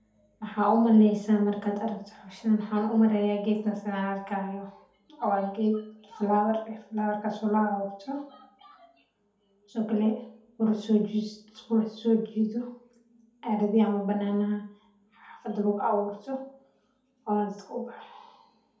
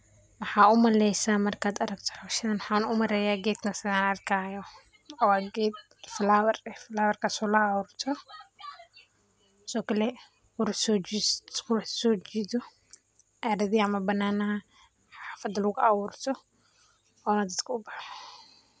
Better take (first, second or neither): second